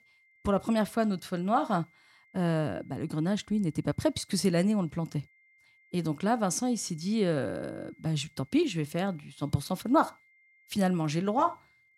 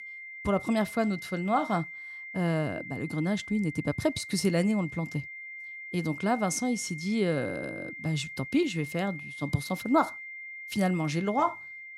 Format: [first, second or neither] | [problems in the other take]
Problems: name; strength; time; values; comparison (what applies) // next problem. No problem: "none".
first | high-pitched whine; loud; throughout; 2 kHz, 10 dB below the speech; faint in the first